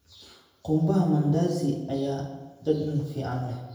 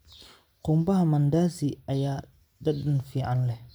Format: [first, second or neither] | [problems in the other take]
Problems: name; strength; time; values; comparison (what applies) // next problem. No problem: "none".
second | room echo; dies away in 0.9 s